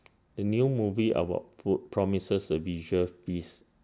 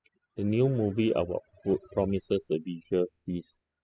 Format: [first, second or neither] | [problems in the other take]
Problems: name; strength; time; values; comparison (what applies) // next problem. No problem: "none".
first | noise reduction (classical method spectral subtraction)